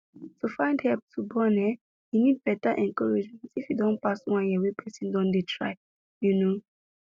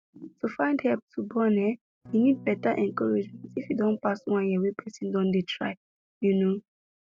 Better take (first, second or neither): first